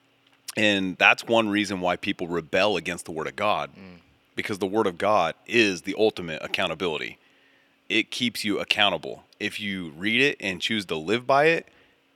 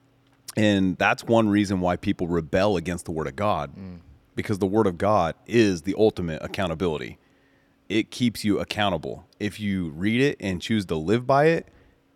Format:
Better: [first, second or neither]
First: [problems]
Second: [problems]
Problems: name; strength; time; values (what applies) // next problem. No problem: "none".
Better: second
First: thin; very slightly; fading below 800 Hz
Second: none